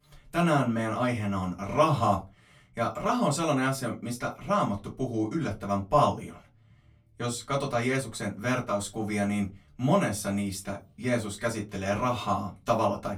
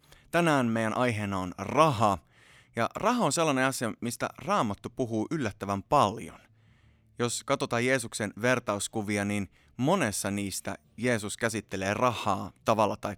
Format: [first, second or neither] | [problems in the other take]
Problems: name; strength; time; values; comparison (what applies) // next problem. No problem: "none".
second | off-mic speech; far // room echo; very slight; dies away in 0.2 s